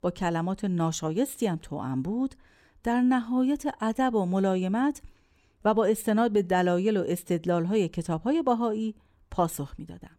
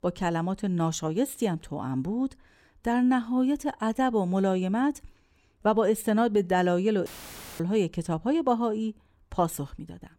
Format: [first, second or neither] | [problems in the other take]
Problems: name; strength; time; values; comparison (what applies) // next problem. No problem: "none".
first | audio cutting out; filled with static; at 7 s for 0.5 s